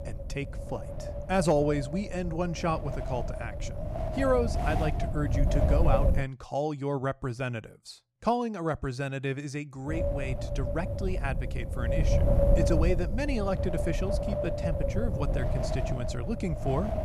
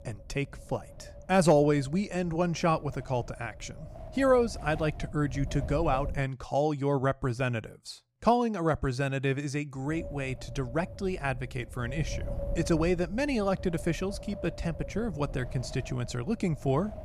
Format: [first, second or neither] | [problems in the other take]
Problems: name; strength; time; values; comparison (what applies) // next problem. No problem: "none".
second | wind noise on the microphone; heavy; until 6 s and from 10 s on; 2 dB below the speech; occasional gusts in the second